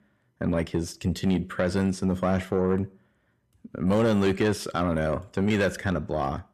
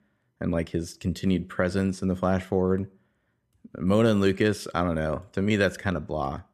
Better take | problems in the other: second | distortion; slight; 10 dB below the speech

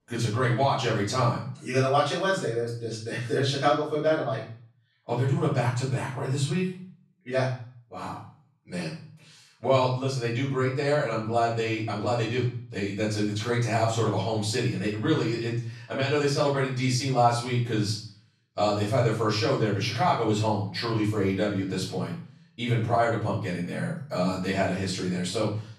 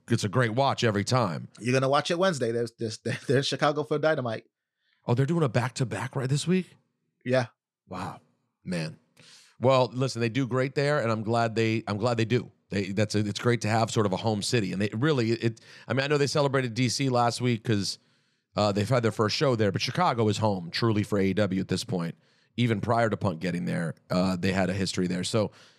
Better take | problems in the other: second | room echo; noticeable; dies away in 0.4 s // off-mic speech; far

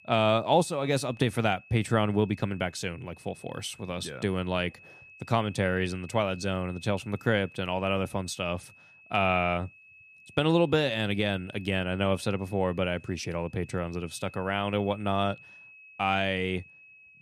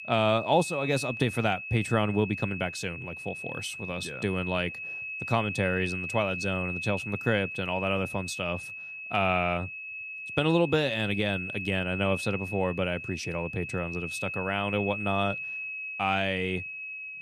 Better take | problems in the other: first | high-pitched whine; loud; throughout; 2.5 kHz, 6 dB below the speech; faint in the first

